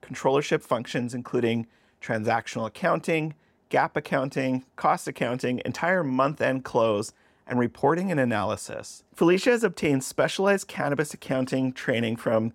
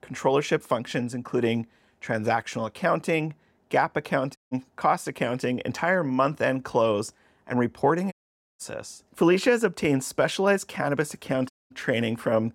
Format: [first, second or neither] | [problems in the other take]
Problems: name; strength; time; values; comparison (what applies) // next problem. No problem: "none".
first | audio cutting out; at 4.5 s, at 8 s and at 12 s